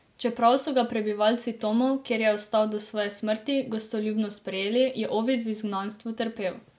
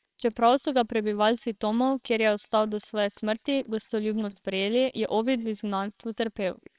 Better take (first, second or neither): first